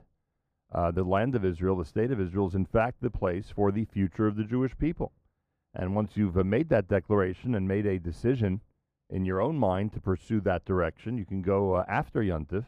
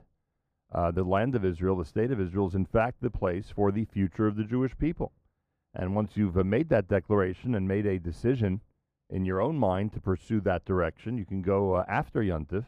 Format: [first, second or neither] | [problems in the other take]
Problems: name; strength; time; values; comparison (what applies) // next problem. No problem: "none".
neither | muffled; very; fading above 2 kHz; the same in both